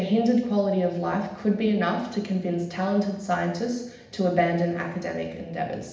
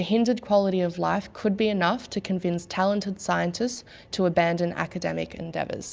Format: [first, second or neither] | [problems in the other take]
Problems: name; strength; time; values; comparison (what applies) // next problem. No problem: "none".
second | room echo; dies away in 0.8 s